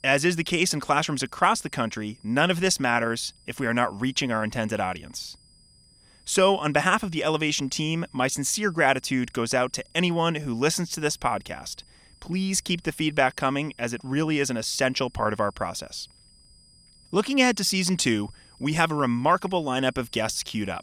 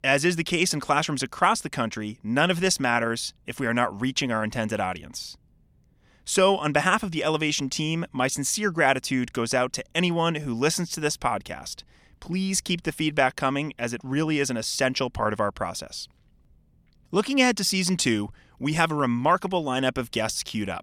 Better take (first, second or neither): second